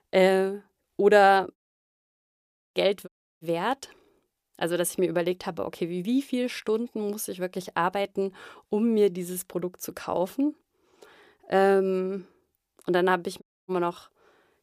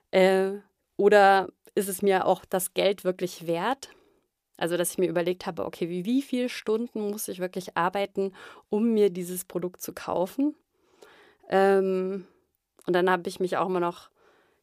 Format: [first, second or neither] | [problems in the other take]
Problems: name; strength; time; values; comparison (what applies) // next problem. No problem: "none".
second | audio cutting out; at 1.5 s for 1 s, at 3 s and at 13 s